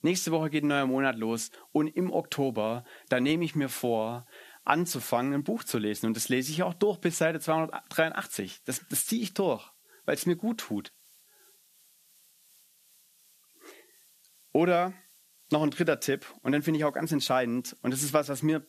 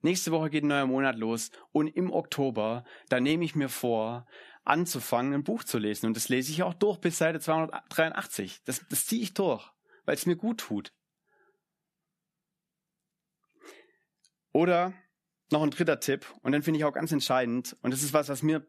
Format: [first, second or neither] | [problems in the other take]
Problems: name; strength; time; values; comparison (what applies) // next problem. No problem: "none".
second | hiss; faint; throughout; 30 dB below the speech